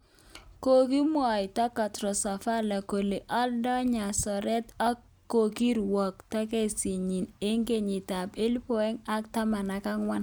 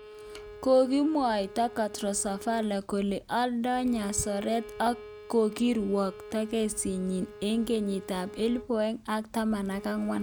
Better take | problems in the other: first | background sound (Bowed string instrument); 17 dB below the speech

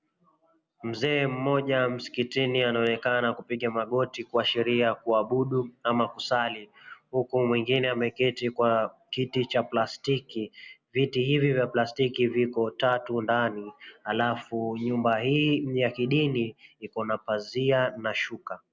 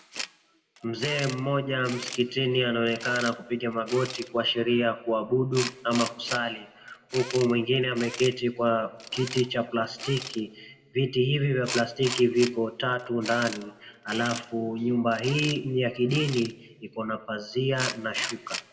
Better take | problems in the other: first | background sound (Tools); 13 dB below the speech // room echo; dies away in 1.1 s

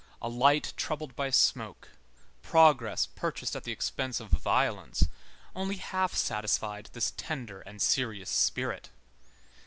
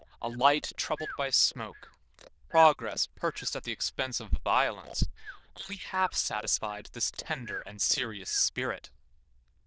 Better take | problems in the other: first | noise reduction (neural diffusion model UNIVERSE++)

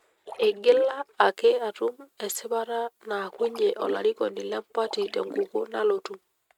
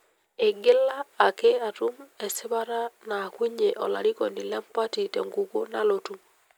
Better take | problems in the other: second | noise reduction (neural mask model RNNoise)

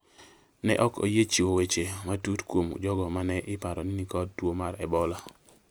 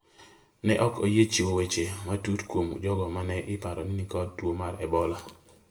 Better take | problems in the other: first | room echo; dies away in 0.5 s

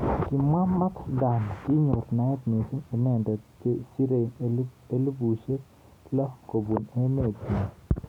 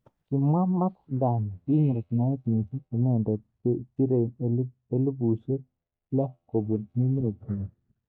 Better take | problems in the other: first | noise reduction (neural mask model DeepFilterNet 3)

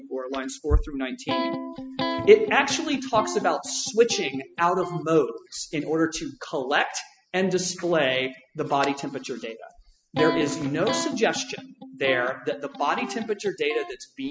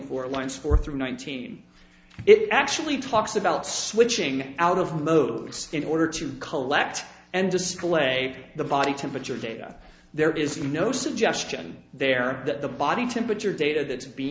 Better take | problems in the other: second | noise reduction (classical method spectral subtraction)

